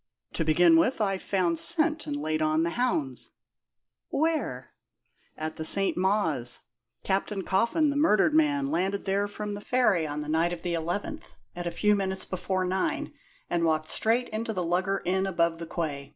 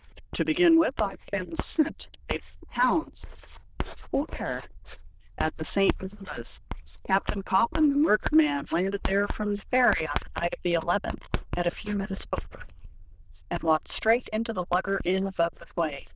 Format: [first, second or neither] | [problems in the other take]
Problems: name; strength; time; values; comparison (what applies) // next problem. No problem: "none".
first | noise reduction (neural diffusion model UNIVERSE++)